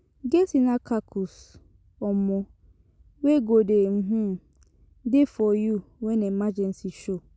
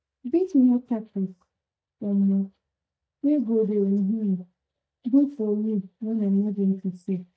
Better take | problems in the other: first | noise reduction (neural mask model DeepFilterNet 3)

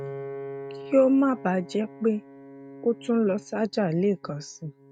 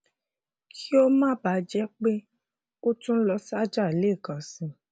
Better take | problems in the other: second | noise reduction (neural mask model RNNoise)

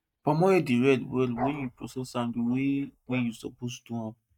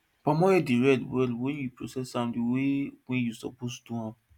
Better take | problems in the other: second | noise reduction (neural mask model DeepFilterNet 3)

